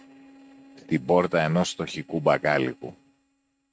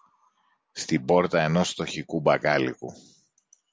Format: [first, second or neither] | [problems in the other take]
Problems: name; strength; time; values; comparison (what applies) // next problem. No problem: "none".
second | noise reduction (neural mask model RNNoise)